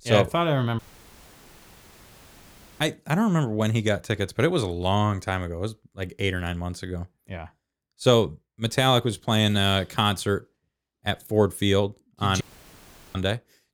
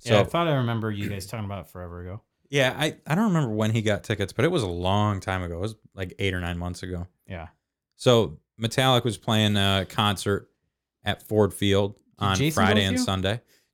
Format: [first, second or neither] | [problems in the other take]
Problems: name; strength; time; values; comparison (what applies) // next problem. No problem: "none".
second | audio cutting out; at 1 s for 2 s and at 12 s for 0.5 s